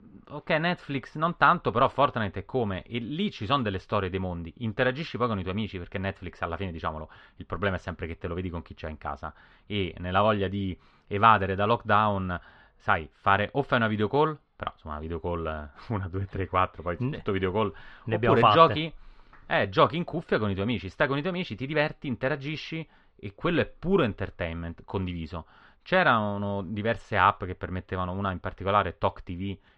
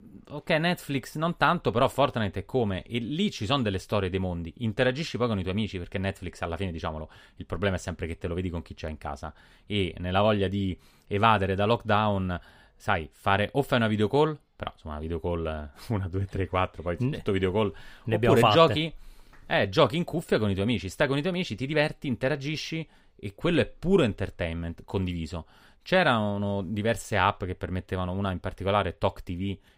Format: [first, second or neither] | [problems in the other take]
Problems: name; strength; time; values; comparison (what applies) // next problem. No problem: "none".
second | muffled; slightly; fading above 4 kHz